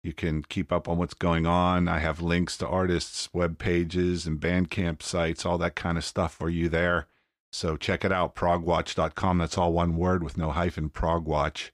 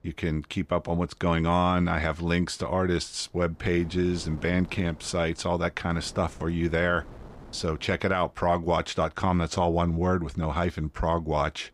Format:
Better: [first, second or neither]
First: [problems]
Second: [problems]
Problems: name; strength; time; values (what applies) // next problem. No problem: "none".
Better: first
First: none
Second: wind noise on the microphone; occasional gusts; 25 dB below the speech